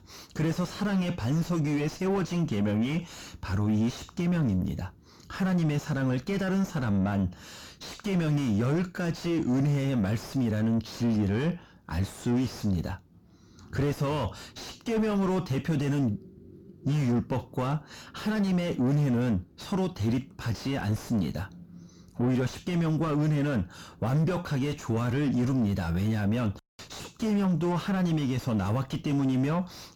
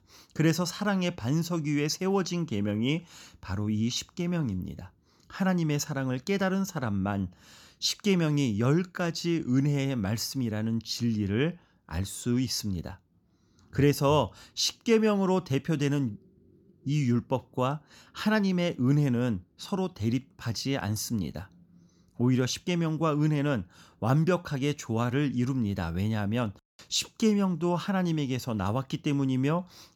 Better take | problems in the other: second | distortion; heavy; 6 dB below the speech

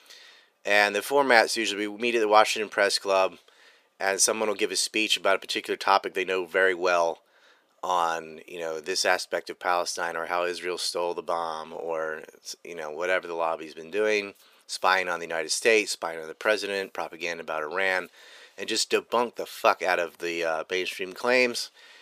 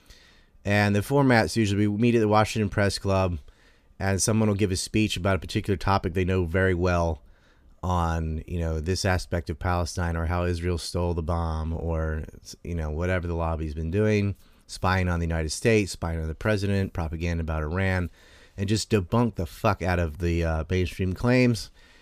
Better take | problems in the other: second | thin; very; fading below 450 Hz

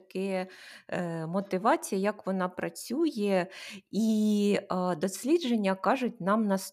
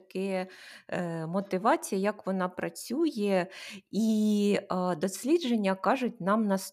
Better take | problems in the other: neither | none

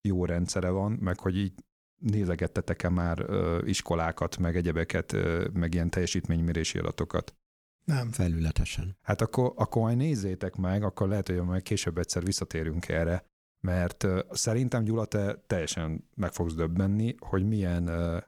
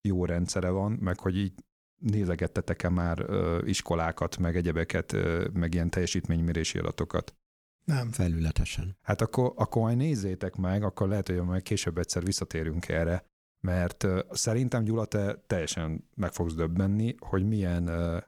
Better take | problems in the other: neither | none

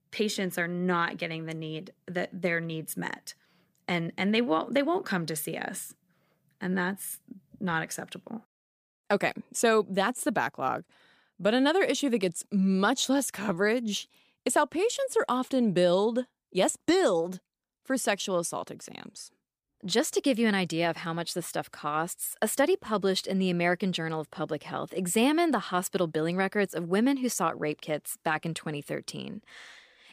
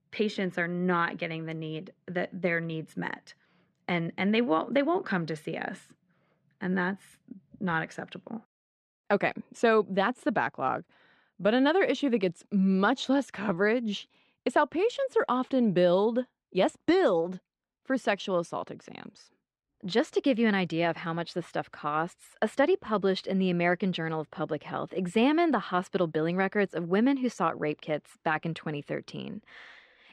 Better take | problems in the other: first | muffled; slightly; fading above 3 kHz

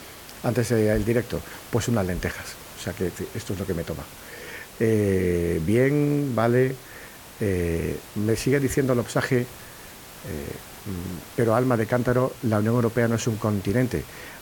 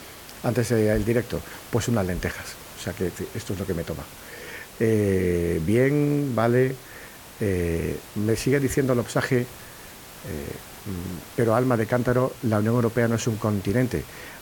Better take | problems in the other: neither | hiss; noticeable; throughout; 15 dB below the speech; the same in both

